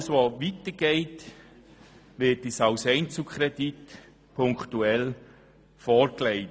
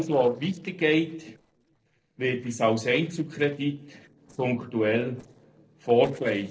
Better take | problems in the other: first | noise reduction (neural separator model SepFormer DNS4)

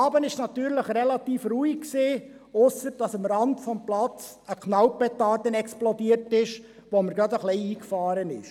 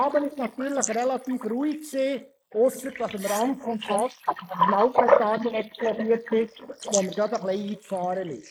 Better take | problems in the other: first | noise reduction (neural mask model Resemble Enhance denoiser)

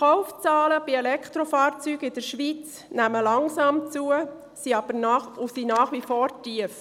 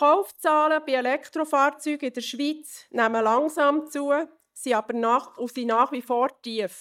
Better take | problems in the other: first | noise reduction (neural mask model DeepFilterNet 3)

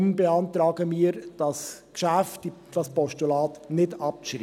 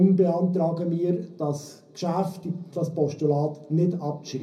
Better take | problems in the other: first | room echo; dies away in 0.4 s

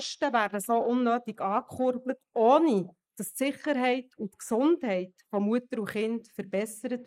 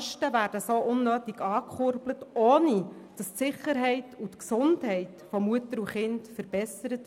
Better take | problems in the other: second | noise reduction (neural mask model Resemble Enhance denoiser)

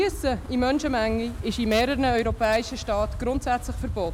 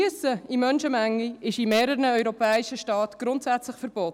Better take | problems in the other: second | background sound (Wind); 8 dB below the speech

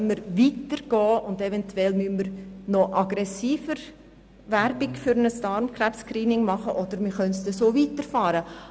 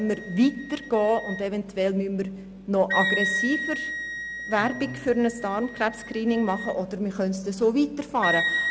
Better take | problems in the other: first | background sound (Wind instrument, woodwind instrument); 6 dB below the speech

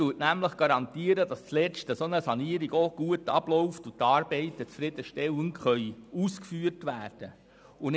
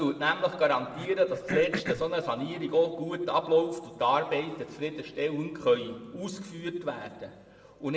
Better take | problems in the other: first | background sound (Cough); 8 dB below the speech // room echo; dies away in 1.2 s

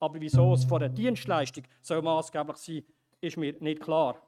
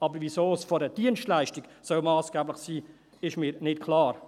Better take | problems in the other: second | noise reduction (neural mask model RNNoise)

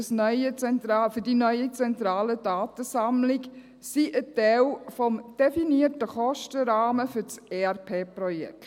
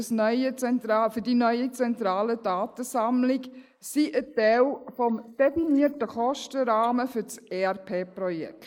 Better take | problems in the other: first | noise reduction (neural mask model Resemble Enhance denoiser)

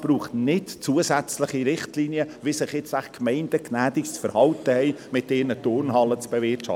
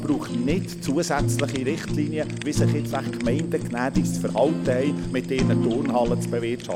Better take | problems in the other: first | background sound (Fire); as loud as the speech

